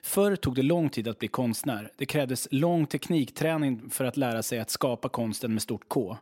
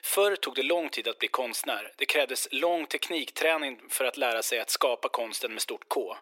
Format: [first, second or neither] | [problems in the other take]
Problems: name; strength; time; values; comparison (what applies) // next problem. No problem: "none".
first | thin; very; fading below 400 Hz